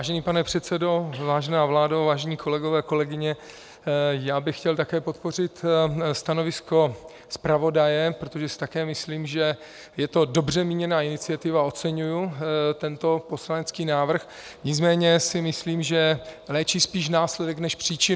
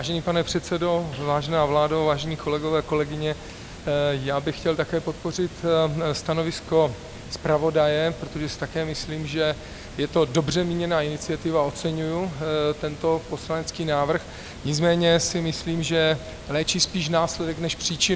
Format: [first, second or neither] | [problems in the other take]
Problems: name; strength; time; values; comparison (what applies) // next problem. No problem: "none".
first | background sound (Water); 15 dB below the speech